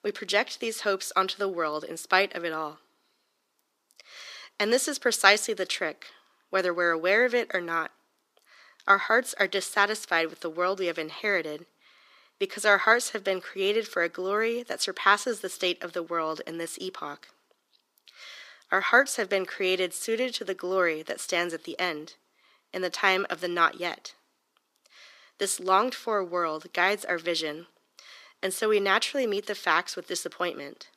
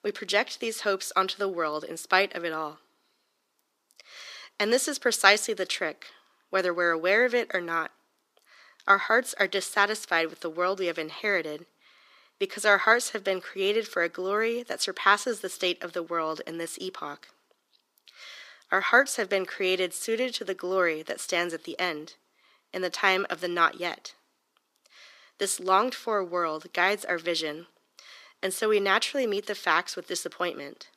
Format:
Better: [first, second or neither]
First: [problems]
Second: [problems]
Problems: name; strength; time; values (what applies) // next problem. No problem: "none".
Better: neither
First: thin; somewhat; fading below 300 Hz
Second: thin; somewhat; fading below 300 Hz